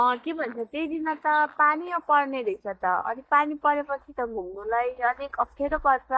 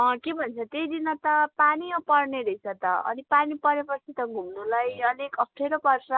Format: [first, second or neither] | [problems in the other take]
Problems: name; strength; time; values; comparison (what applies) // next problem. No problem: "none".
second | noise reduction (neural mask model DeepFilterNet 3)